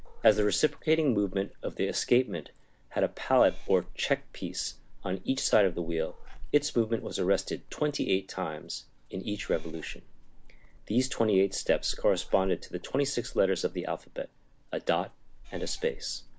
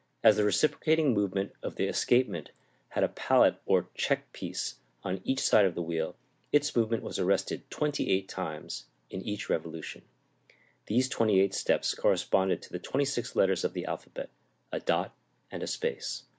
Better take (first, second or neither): second